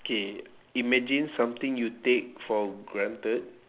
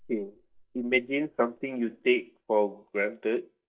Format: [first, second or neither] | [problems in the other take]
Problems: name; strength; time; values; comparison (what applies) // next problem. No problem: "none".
first | noise reduction (neural mask model DeepFilterNet 3)